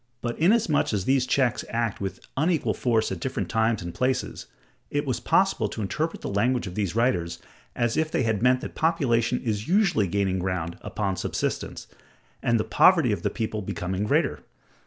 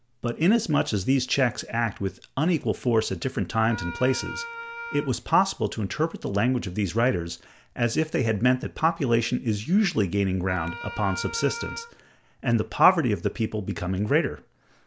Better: first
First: none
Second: background sound (Wind instrument, woodwind instrument); 12 dB below the speech

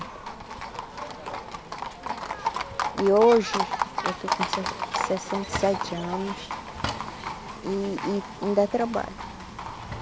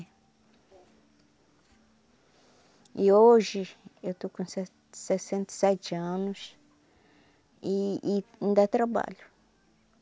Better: second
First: background sound (Livestock, farm animals, working animals); 4 dB below the speech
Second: none

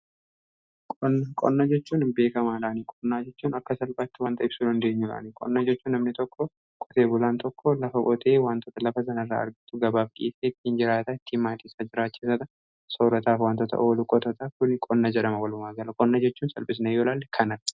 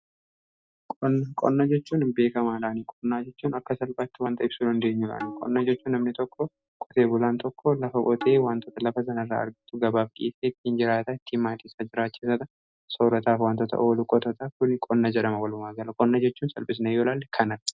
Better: first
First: none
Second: background sound (Tabla); 15 dB below the speech

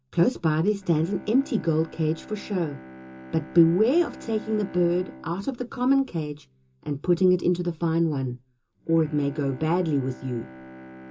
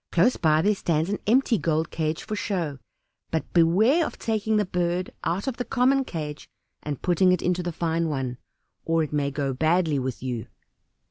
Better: second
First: background sound (Bowed string instrument); 19 dB below the speech // room echo; dies away in 0.2 s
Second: none

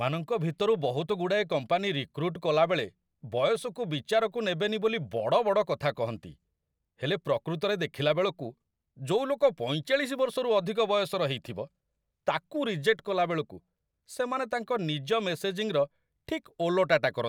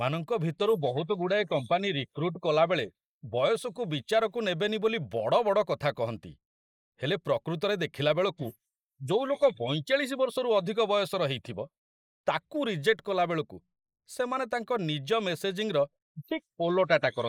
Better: first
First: none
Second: noise reduction (neural mask model Resemble Enhance denoiser)

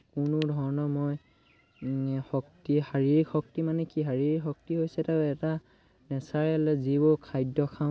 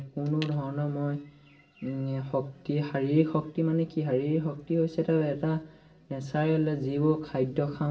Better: first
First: none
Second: room echo; dies away in 0.5 s

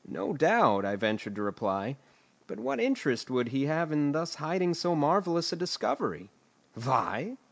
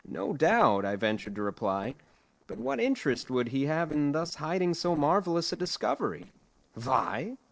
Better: first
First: none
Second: noise reduction (neural separator model SepFormer DNS4)

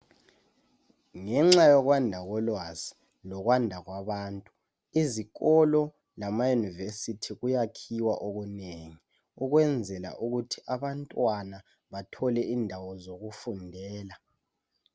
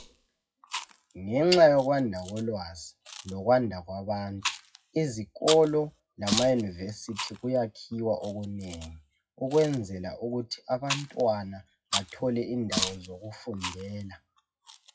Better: first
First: none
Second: noise reduction (classical method WPE with log-MMSE)

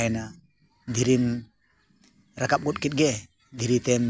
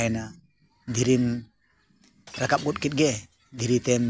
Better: first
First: none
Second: background sound (Shatter); 20 dB below the speech

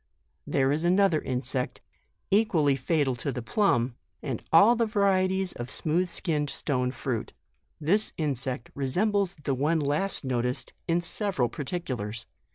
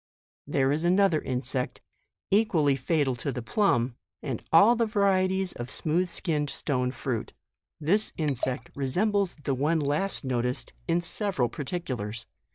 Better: first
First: none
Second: noise reduction (neural mask model DeepFilterNet 3)

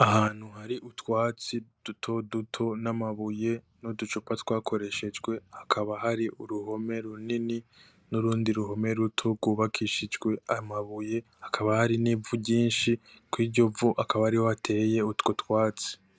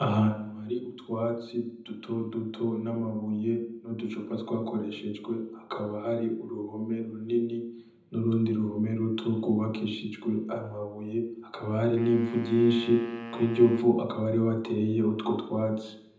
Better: first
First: none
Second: background sound (Wind instrument, woodwind instrument); 13 dB below the speech // room echo; dies away in 0.8 s

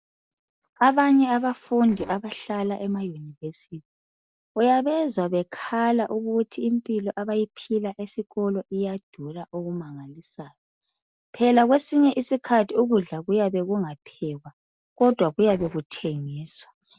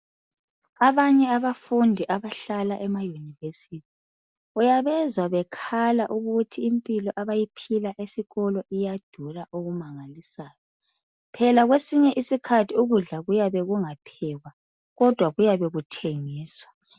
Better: second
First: noise reduction (neural separator model SepFormer DNS4)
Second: none

